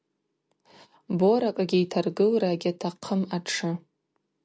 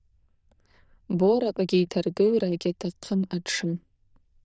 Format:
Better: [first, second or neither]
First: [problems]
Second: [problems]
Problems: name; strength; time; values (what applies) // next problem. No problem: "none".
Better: first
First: none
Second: noise reduction (neural diffusion model UNIVERSE++)